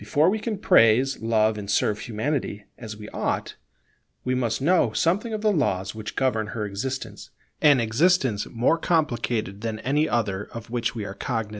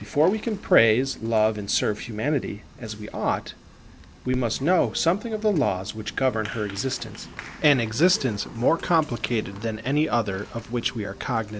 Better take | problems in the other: first | background sound (Applause); 17 dB below the speech

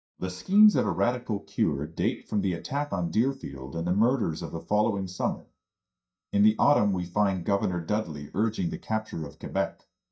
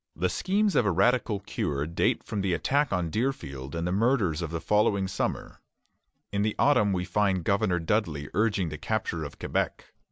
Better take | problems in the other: second | noise reduction (neural mask model DeepFilterNet 3)

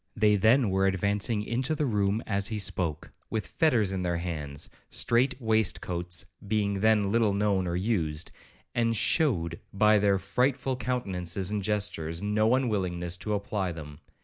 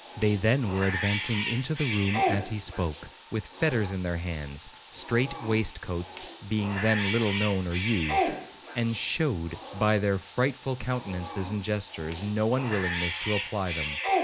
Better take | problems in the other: first | background sound (Bathtub (filling or washing) / Cat); 6 dB below the speech

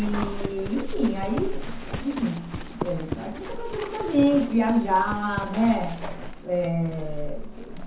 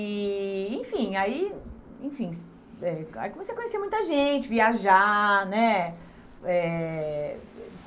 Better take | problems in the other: second | background sound (Livestock, farm animals, working animals); 6 dB below the speech // room echo; dies away in 0.9 s

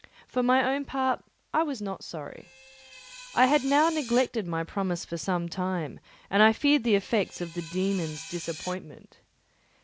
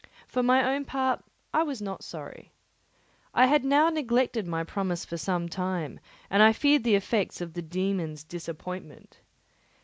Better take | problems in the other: second | background sound (Screech); 17 dB below the speech

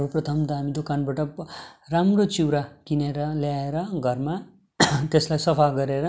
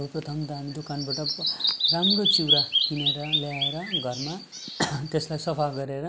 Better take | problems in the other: first | background sound (Bird vocalization, bird call, bird song); 2 dB above the speech

